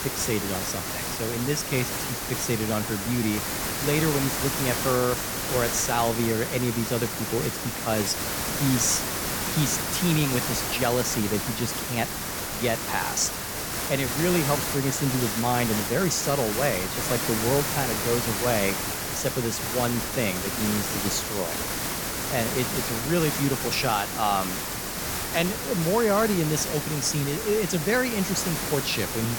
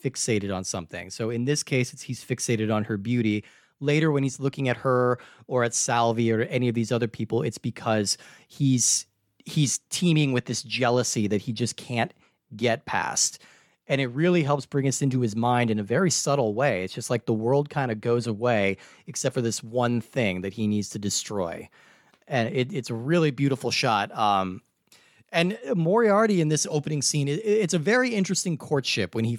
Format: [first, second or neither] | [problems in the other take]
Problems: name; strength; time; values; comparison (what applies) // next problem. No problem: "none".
second | hiss; loud; throughout; 1 dB below the speech